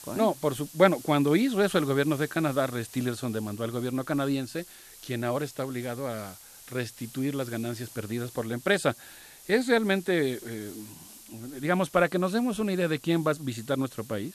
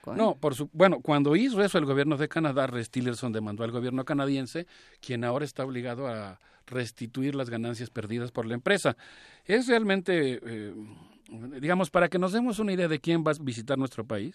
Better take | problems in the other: second | hiss; noticeable; throughout; 20 dB below the speech

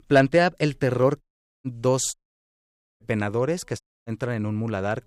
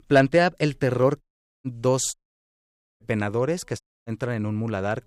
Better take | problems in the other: neither | audio cutting out; at 1 s, at 2 s for 1 s and at 4 s; the same in both

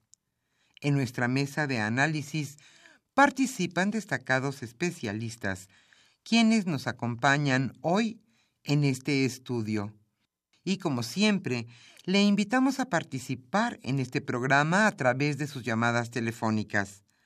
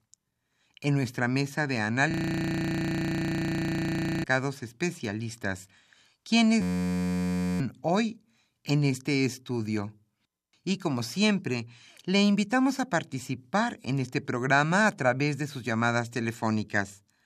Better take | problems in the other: first | audio freezing; at 2 s for 2 s and at 6.5 s for 1 s

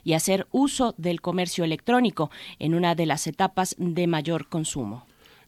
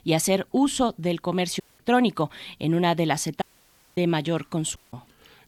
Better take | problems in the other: first | audio cutting out; at 1.5 s, at 3.5 s for 0.5 s and at 5 s

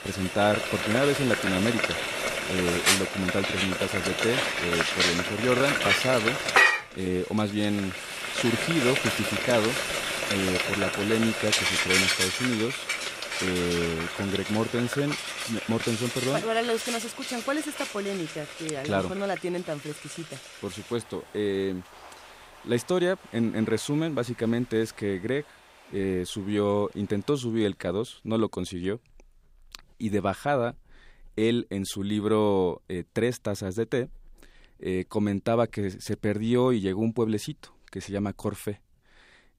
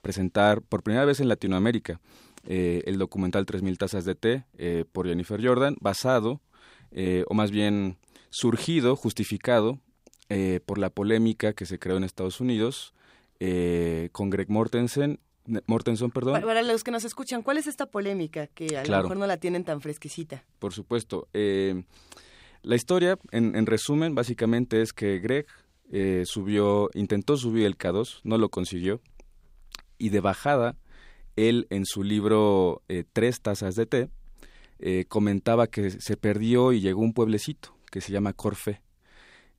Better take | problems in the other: second | household noises; very loud; throughout; 2 dB above the speech

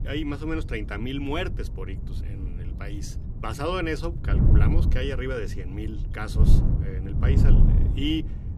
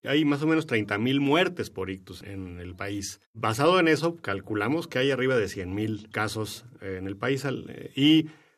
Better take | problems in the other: second | wind noise on the microphone; heavy; 7 dB below the speech

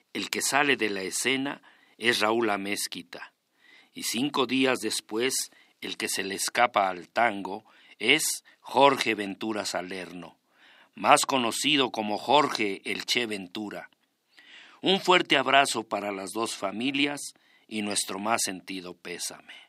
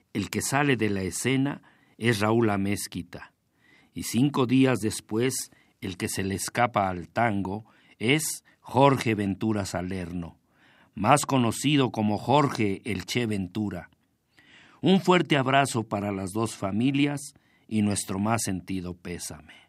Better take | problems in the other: second | thin; somewhat; fading below 350 Hz

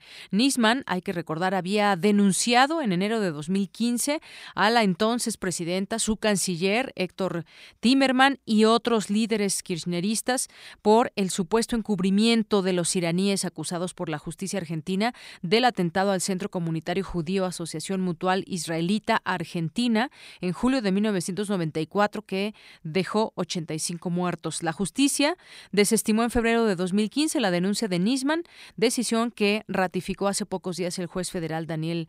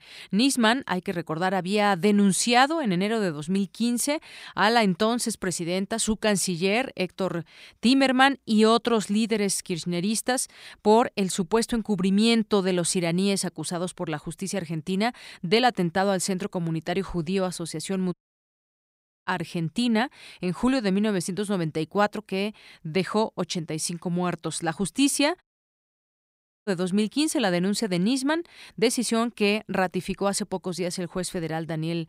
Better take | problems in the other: first | audio cutting out; at 18 s for 1 s and at 25 s for 1 s

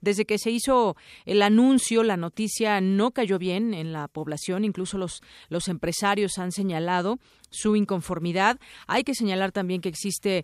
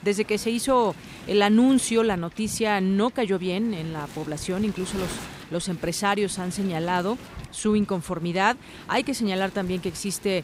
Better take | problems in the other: first | wind noise on the microphone; occasional gusts; 15 dB below the speech

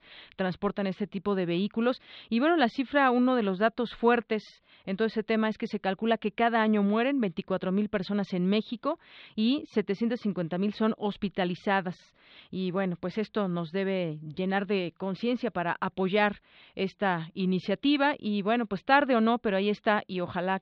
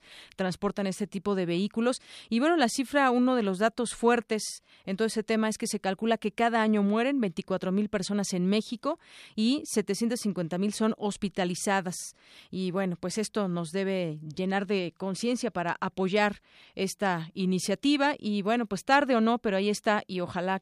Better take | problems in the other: second | muffled; slightly; fading above 4 kHz

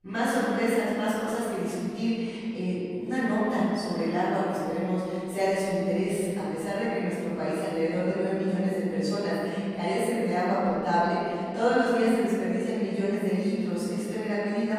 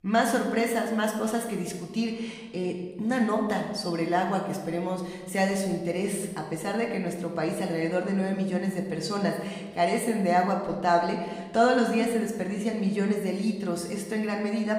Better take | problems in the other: second | room echo; strong; dies away in 2.4 s; slight in the second // off-mic speech; far; somewhat distant in the second

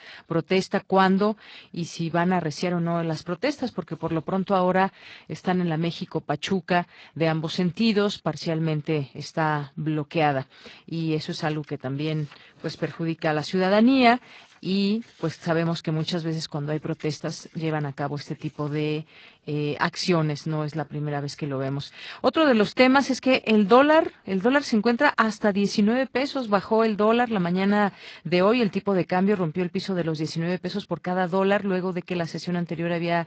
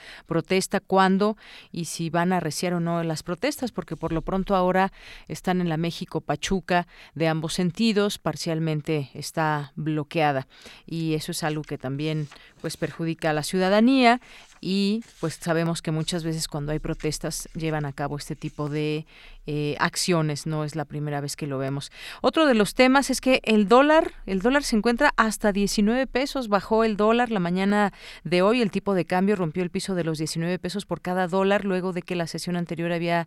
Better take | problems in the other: second | garbled, watery; slightly; nothing above 8 kHz

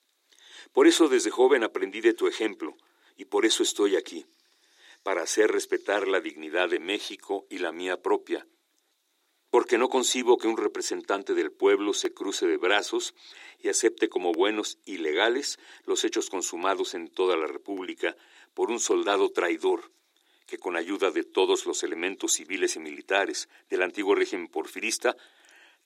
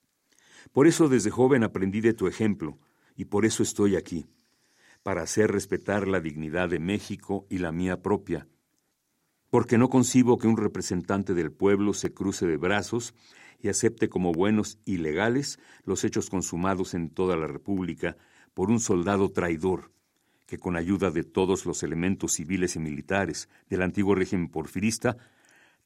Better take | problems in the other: second | thin; very; fading below 350 Hz

